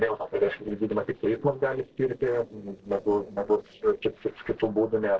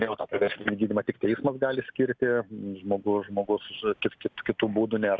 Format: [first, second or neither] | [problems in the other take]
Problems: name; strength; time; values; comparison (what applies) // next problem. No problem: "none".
second | noise reduction (neural separator model SepFormer DNS4)